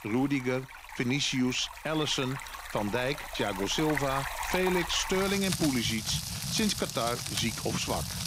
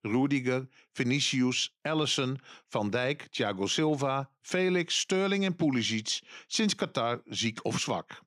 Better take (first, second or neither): second